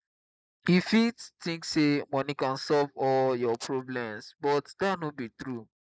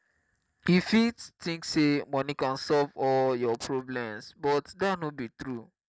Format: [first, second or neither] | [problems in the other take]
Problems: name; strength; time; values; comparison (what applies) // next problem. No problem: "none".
second | noise reduction (neural mask model Resemble Enhance denoiser)